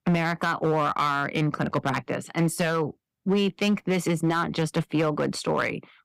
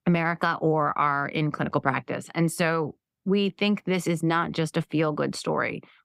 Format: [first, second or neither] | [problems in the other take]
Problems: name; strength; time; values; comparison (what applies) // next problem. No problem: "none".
second | distortion; slight; 6% of the sound clipped